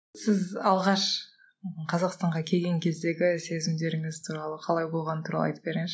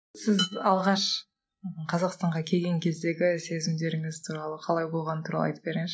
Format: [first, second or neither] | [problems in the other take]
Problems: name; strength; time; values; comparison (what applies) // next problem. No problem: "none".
first | noise reduction (neural mask model RNNoise)